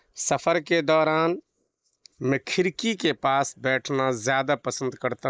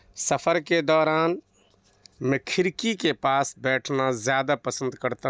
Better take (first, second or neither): second